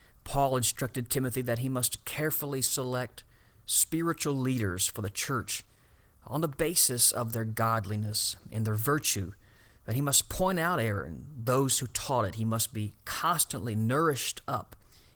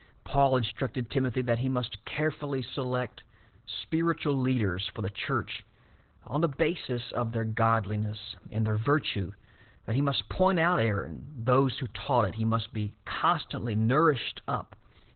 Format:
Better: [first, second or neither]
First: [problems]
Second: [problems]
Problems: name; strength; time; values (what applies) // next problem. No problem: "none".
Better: first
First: garbled, watery; slightly; nothing above 19 kHz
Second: garbled, watery; badly; nothing above 4 kHz